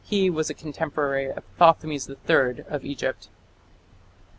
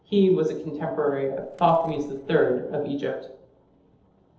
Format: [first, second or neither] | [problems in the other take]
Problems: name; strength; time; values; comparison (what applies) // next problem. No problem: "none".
first | noise reduction (neural separator model SepFormer DNS4)